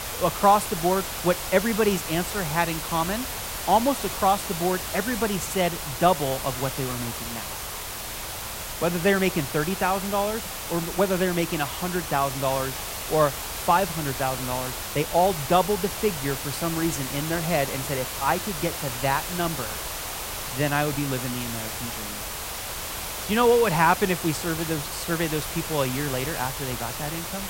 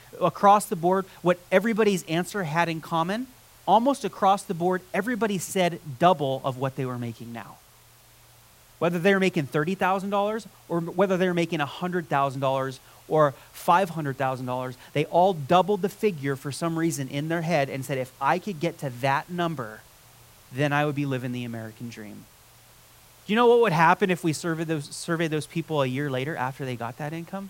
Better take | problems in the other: second | hiss; loud; throughout; 5 dB below the speech; faint in the second

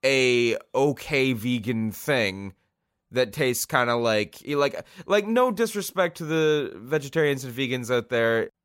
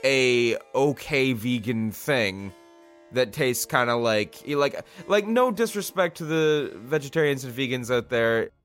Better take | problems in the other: first | background music; faint; throughout; 30 dB below the speech

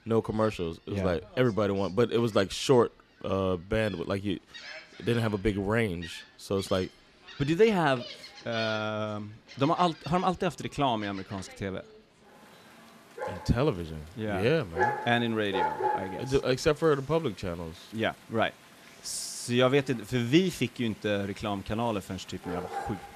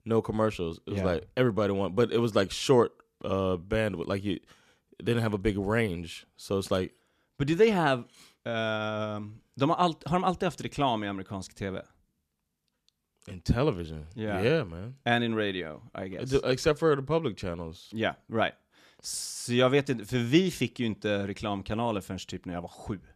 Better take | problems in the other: second | animal sounds; noticeable; throughout; 10 dB below the speech

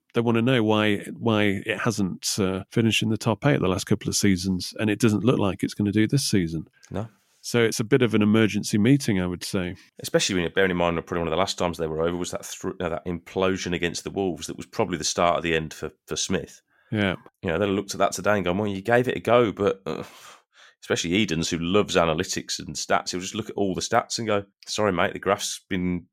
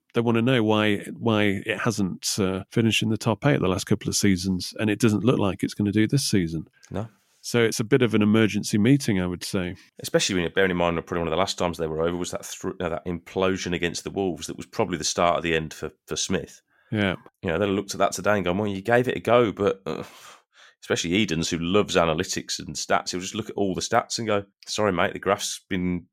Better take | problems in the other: neither | none

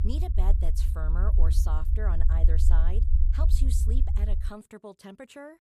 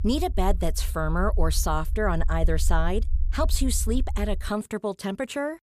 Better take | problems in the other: second | low rumble; loud; until 4.5 s; 4 dB below the speech; faint in the second

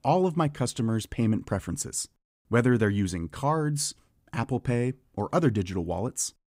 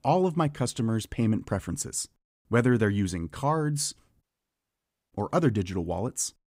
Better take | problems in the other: first | audio cutting out; at 4 s for 1 s

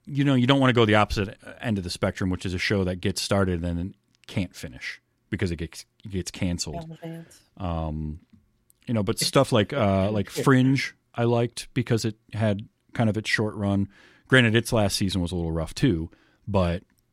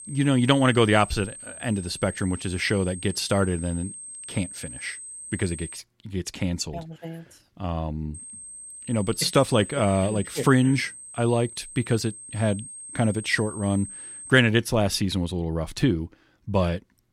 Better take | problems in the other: first | high-pitched whine; noticeable; until 6 s and from 8 to 14 s; 8.5 kHz, 15 dB below the speech

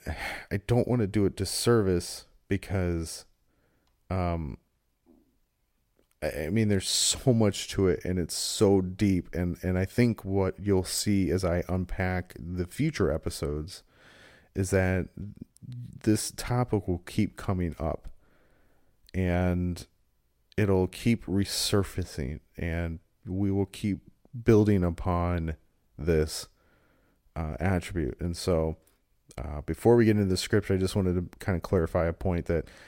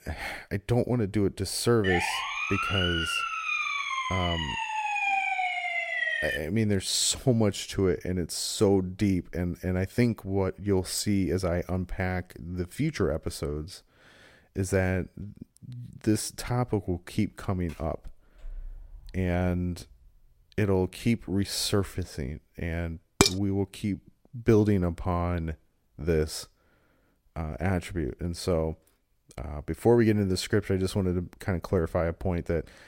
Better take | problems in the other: first | siren; loud; from 2 to 6.5 s; peak 3 dB above the speech // door banging; faint; from 18 to 20 s; peak 15 dB below the speech // clattering dishes; loud; at 23 s; peak 5 dB above the speech

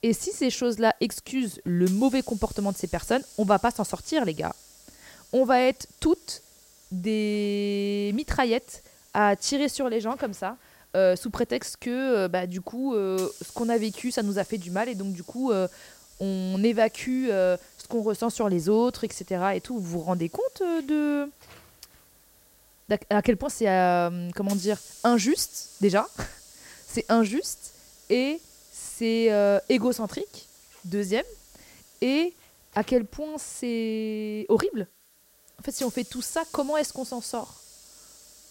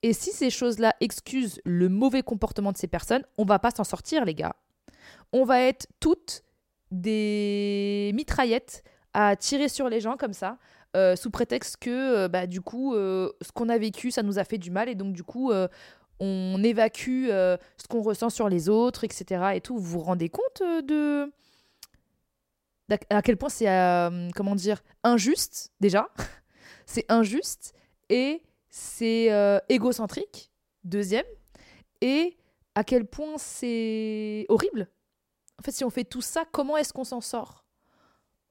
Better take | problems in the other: second | hiss; faint; throughout; 20 dB below the speech

